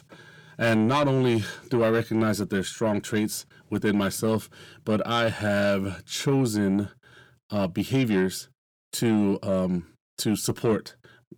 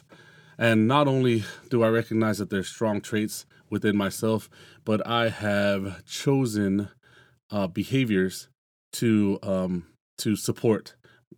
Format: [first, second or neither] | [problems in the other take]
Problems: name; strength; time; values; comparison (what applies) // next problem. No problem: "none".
second | distortion; slight; 10 dB below the speech